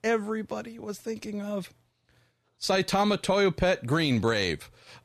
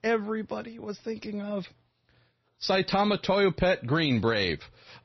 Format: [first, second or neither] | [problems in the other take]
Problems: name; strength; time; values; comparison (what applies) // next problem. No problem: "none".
first | garbled, watery; slightly; nothing above 5.5 kHz